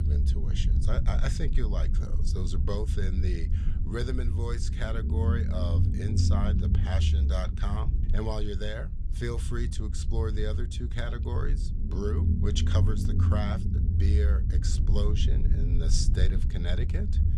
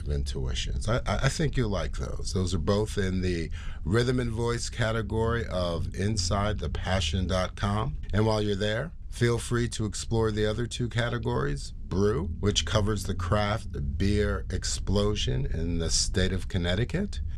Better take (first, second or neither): second